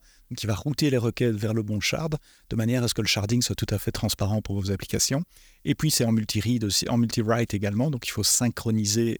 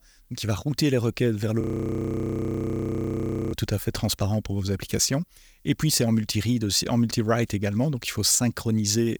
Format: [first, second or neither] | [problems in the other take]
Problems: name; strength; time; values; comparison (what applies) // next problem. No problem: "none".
first | audio freezing; at 1.5 s for 2 s